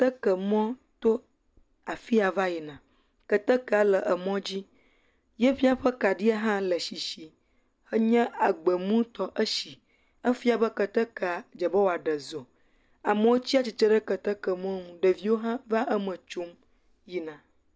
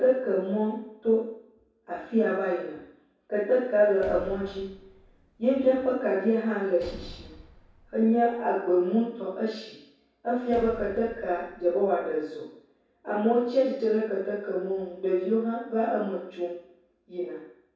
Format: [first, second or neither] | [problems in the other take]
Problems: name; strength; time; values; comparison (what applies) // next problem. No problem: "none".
first | background sound (Slam); 19 dB below the speech // room echo; dies away in 0.7 s